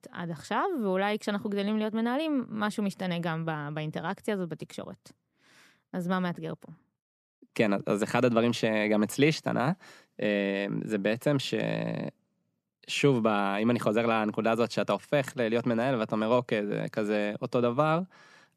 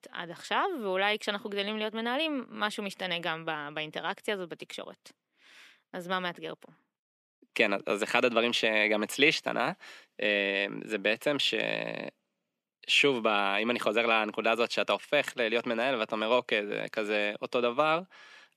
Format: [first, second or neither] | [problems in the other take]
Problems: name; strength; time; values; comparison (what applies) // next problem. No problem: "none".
first | thin; somewhat; fading below 350 Hz